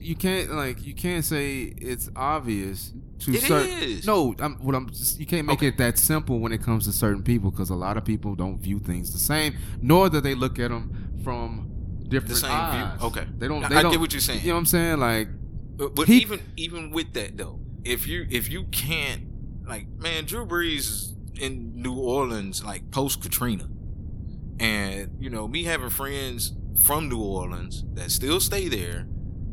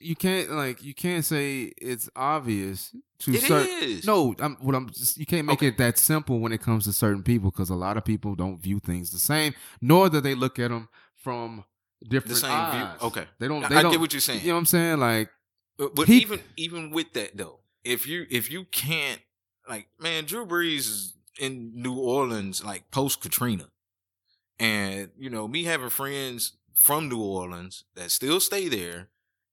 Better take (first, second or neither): second